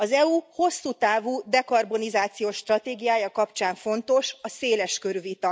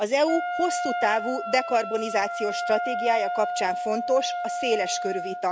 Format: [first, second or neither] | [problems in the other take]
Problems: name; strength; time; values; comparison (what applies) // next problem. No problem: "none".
first | background sound (Wind instrument, woodwind instrument); 4 dB below the speech